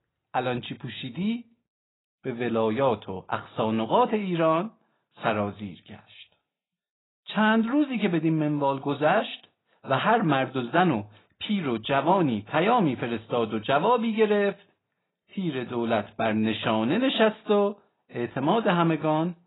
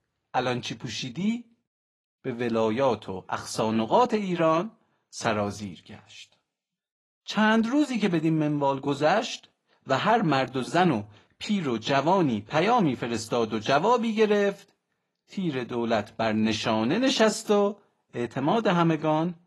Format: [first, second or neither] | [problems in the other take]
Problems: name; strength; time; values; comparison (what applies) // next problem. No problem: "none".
second | garbled, watery; badly; nothing above 4 kHz; slightly in the second